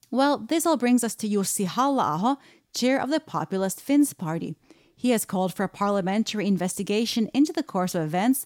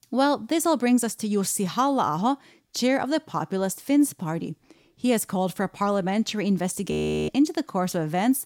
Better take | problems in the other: first | audio freezing; at 7 s

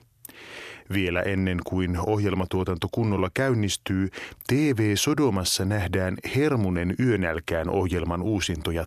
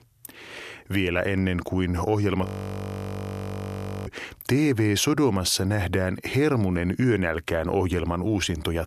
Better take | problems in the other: first | audio freezing; at 2.5 s for 1.5 s

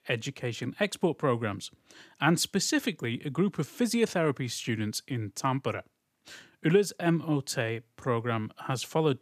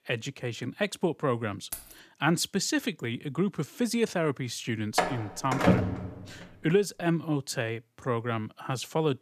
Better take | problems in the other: first | jangling keys; noticeable; at 1.5 s; peak 9 dB below the speech // door banging; loud; from 5 to 6 s; peak 6 dB above the speech

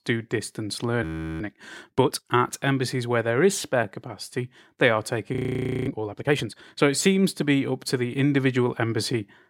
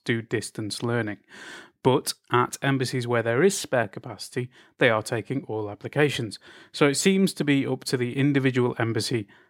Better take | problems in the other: second | audio freezing; at 1 s and at 5.5 s for 0.5 s

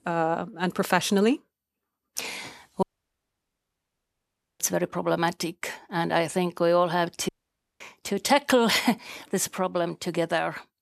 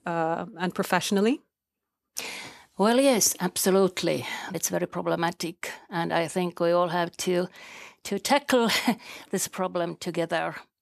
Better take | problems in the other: second | audio cutting out; at 3 s for 2 s and at 7.5 s for 0.5 s

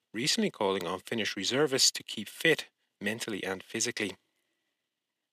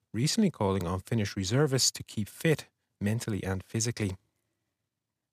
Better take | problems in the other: second | thin; somewhat; fading below 300 Hz

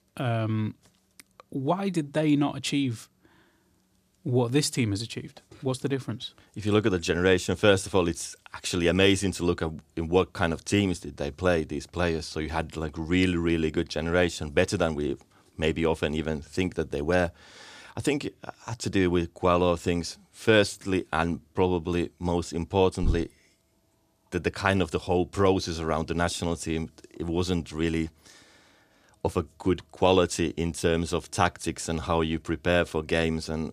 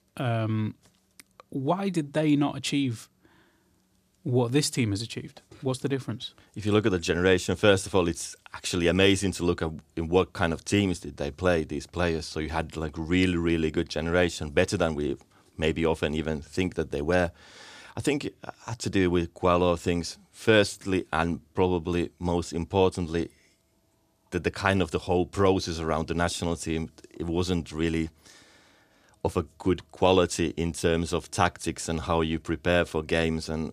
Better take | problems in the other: second | footsteps; noticeable; at 23 s; peak 5 dB below the speech

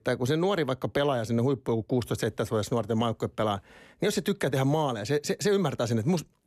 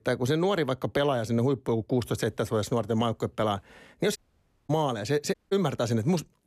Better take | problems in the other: first | audio cutting out; at 4 s for 0.5 s and at 5.5 s

